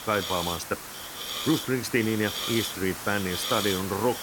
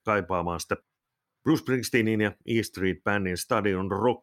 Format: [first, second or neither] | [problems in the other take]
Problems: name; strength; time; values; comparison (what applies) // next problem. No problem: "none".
second | hiss; loud; throughout; 3 dB below the speech